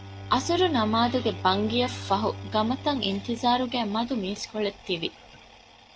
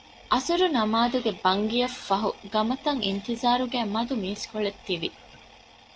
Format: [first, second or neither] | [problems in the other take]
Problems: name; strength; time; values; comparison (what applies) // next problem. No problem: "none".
second | background sound (Bowed string instrument); 14 dB below the speech